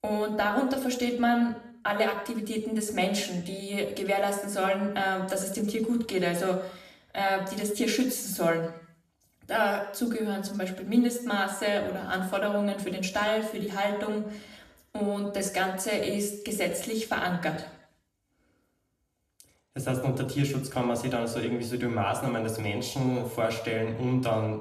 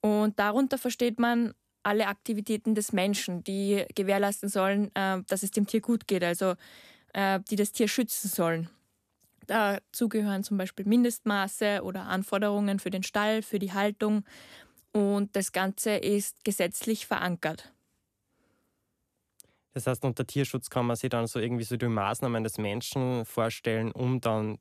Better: second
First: room echo; slight; dies away in 0.7 s // off-mic speech; somewhat distant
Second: none

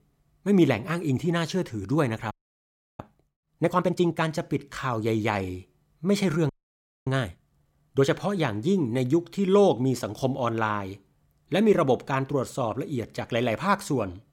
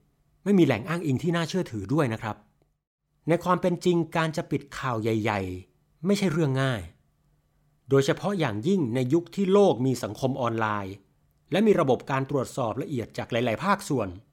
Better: second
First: audio freezing; at 2.5 s for 0.5 s and at 6.5 s for 0.5 s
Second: none

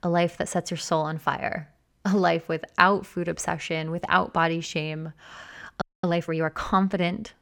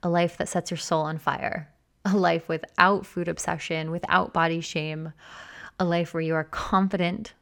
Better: second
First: audio freezing; at 6 s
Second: none

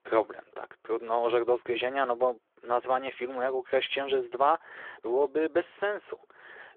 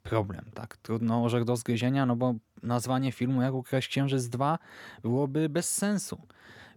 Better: second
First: phone-call audio; nothing above 3.5 kHz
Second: none

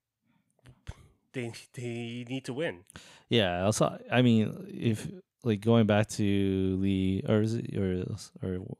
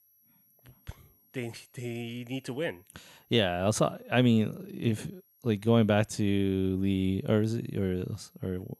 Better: first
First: none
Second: high-pitched whine; faint; throughout; 11.5 kHz, 35 dB below the speech

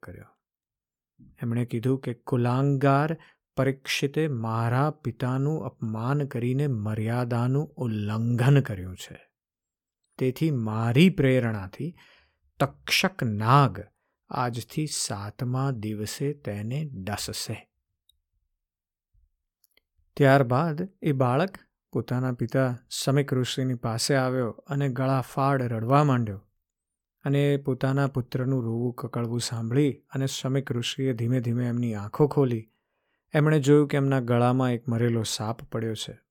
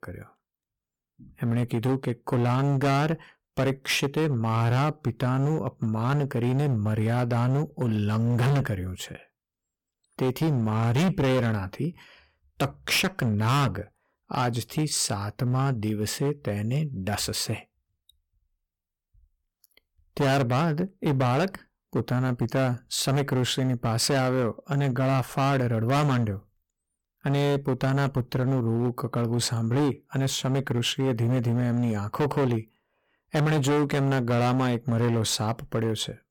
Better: first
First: none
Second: distortion; heavy; 14% of the sound clipped

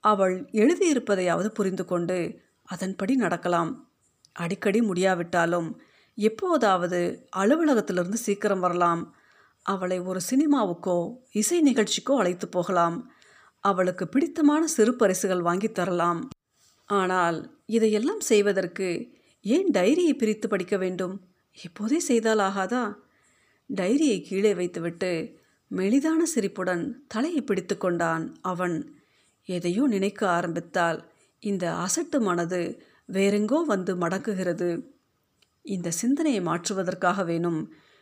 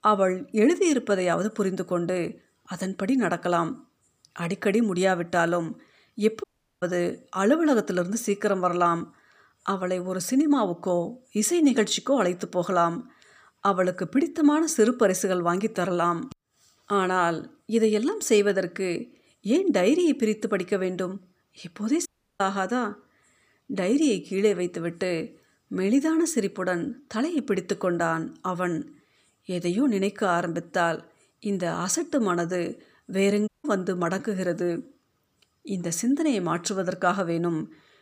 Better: first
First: none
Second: audio cutting out; at 6.5 s, at 22 s and at 33 s

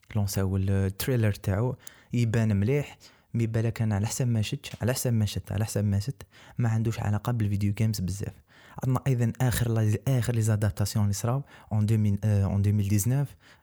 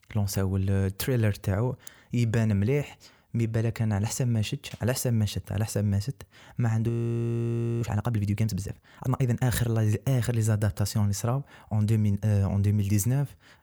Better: first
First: none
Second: audio freezing; at 7 s for 1 s

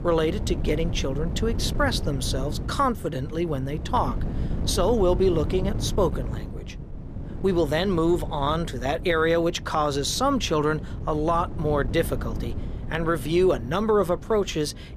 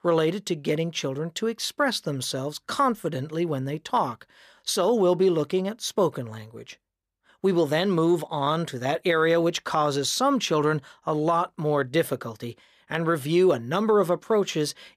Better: second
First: wind noise on the microphone; occasional gusts; 15 dB below the speech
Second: none

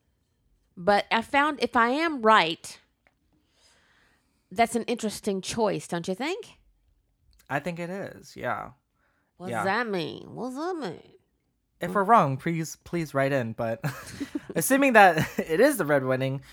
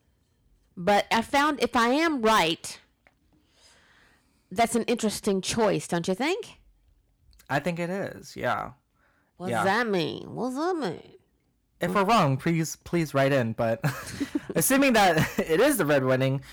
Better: first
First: none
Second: distortion; heavy; 5% of the sound clipped

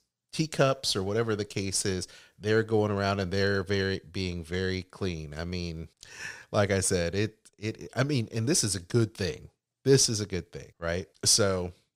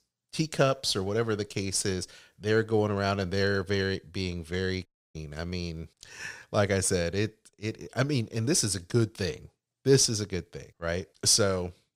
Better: first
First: none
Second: audio cutting out; at 5 s

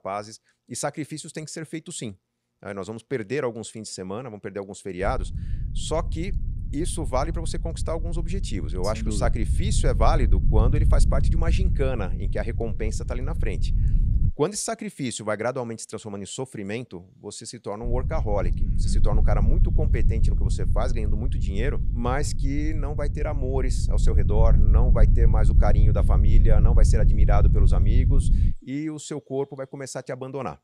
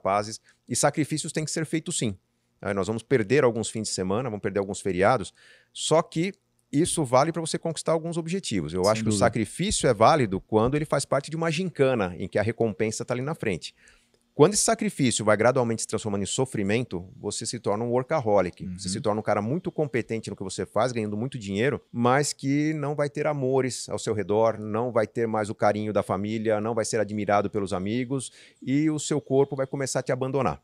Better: second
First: low rumble; loud; from 5 to 14 s and from 18 to 29 s; 10 dB below the speech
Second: none

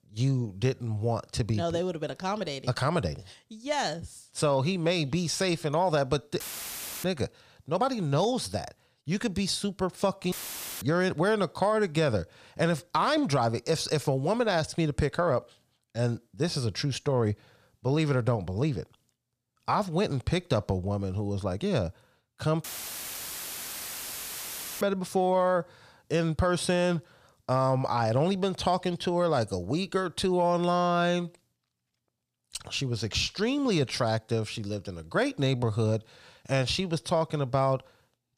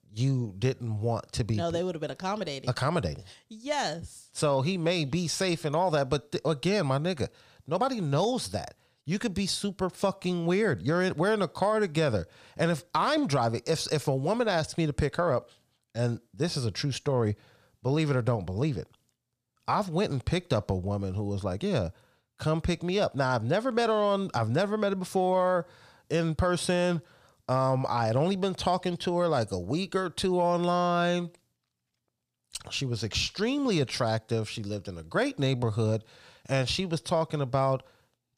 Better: second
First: audio cutting out; filled with static; at 6.5 s for 0.5 s, at 10 s for 0.5 s and at 23 s for 2 s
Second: none

